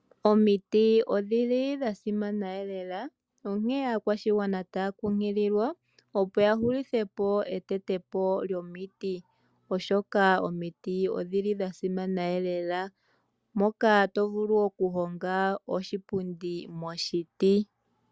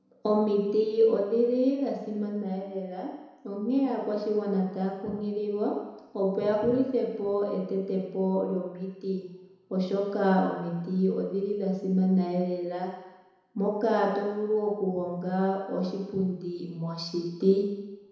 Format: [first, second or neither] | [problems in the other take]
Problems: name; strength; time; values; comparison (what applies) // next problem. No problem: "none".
first | room echo; dies away in 1 s